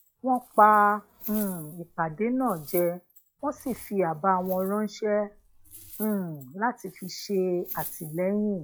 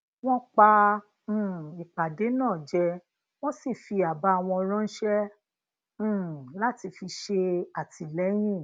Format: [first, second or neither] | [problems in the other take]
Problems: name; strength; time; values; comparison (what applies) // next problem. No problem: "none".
second | noise reduction (classical method log-MMSE)